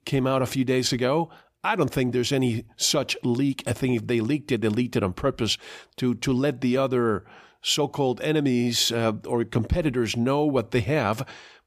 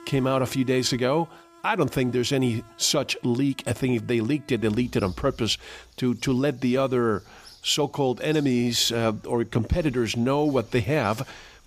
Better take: first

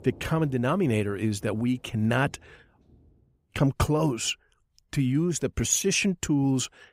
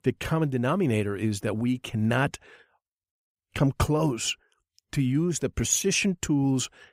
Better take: second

